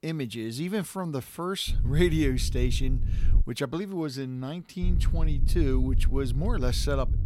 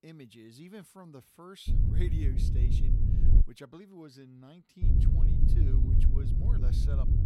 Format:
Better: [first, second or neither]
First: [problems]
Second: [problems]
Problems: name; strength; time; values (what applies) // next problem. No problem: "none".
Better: first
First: wind noise on the microphone; occasional gusts; from 1.5 to 3.5 s and from 5 s on; 15 dB below the speech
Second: wind noise on the microphone; heavy; from 1.5 to 3.5 s and from 5 s on; 4 dB above the speech